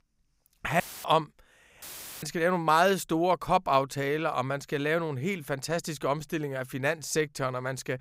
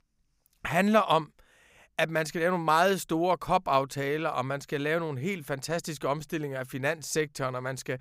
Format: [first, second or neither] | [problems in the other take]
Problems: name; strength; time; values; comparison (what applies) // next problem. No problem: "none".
second | audio cutting out; filled with static; at 1 s and at 2 s